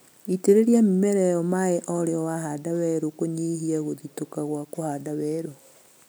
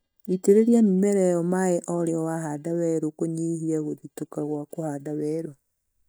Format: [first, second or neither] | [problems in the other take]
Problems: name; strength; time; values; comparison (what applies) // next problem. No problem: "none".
first | noise reduction (neural mask model DeepFilterNet 3)